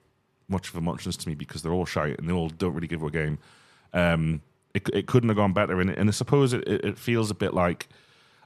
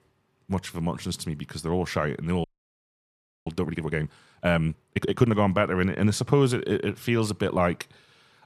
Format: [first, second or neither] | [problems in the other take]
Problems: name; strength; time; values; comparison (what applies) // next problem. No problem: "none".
first | audio freezing; at 2.5 s for 1 s